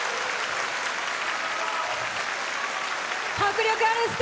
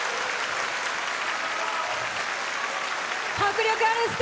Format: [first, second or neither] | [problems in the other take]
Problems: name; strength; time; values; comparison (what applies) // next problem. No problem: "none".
first | background sound (Applause); 15 dB below the speech